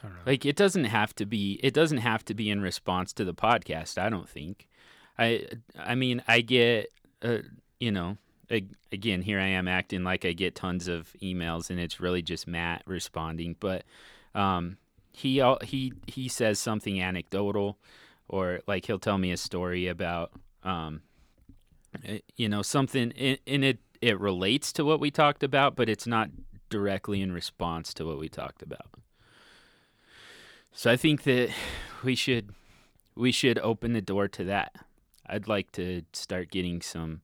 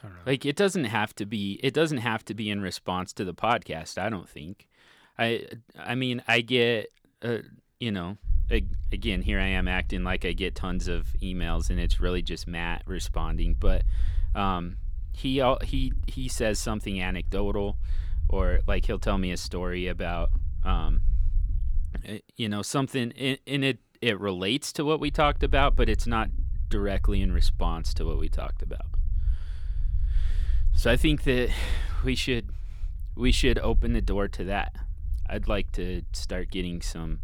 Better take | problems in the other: first | low rumble; faint; from 8.5 to 22 s and from 25 s on; 25 dB below the speech

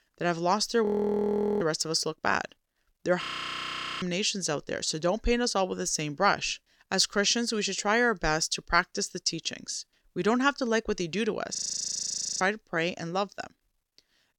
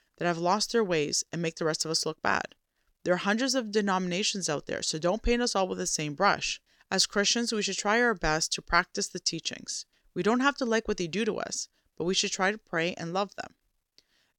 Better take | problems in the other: second | audio freezing; at 1 s for 1 s, at 3 s for 1 s and at 12 s for 1 s

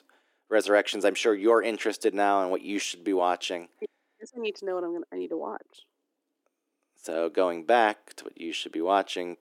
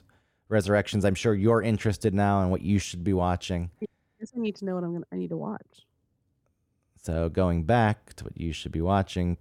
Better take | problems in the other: second | thin; very; fading below 300 Hz

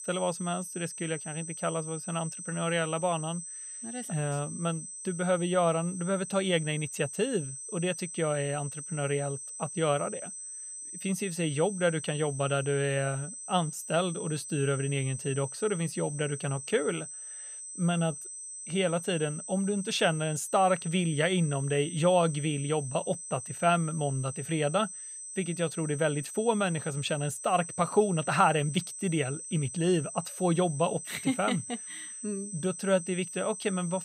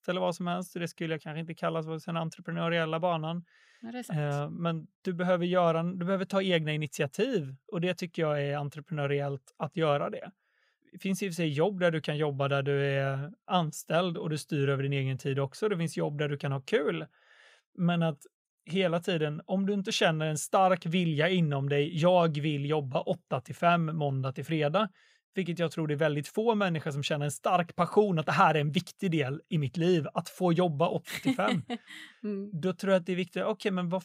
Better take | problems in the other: second | high-pitched whine; loud; throughout; 8 kHz, 9 dB below the speech

